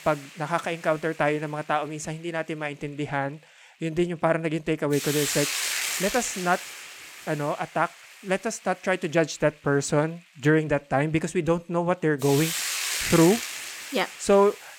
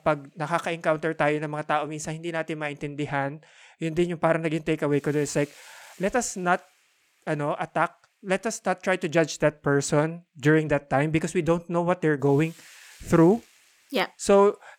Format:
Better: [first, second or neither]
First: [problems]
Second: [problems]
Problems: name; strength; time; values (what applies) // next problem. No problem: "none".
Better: second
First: hiss; loud; throughout; 4 dB below the speech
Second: hiss; faint; throughout; 25 dB below the speech